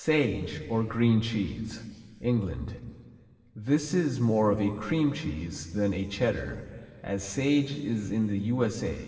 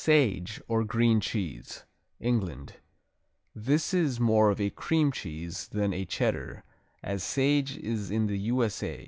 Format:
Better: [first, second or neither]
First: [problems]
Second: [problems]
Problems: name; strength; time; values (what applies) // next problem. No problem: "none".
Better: second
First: room echo; dies away in 2.6 s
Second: none